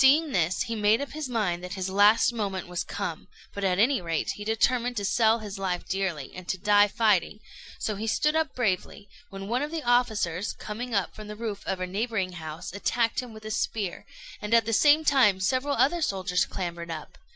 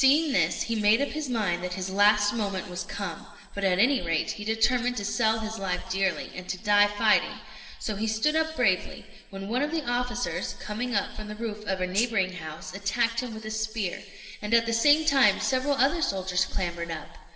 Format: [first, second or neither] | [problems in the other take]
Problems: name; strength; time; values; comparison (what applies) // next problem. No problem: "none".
first | noise reduction (neural separator model SepFormer DNS4)